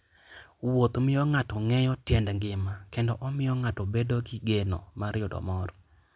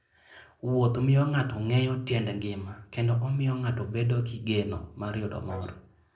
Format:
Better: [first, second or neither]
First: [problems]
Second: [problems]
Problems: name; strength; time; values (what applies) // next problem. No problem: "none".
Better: first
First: none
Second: noise reduction (neural separator model SepFormer DNS4)